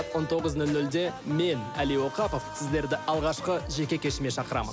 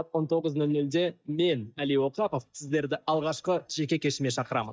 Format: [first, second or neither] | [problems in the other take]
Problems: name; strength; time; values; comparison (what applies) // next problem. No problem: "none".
first | noise reduction (neural mask model DeepFilterNet 3)